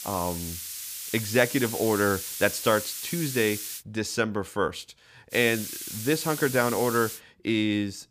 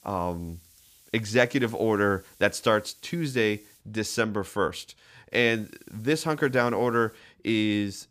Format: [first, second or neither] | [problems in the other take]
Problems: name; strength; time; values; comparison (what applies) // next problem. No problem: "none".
second | hiss; loud; until 4 s and from 5.5 to 7 s; 7 dB below the speech; faint in the second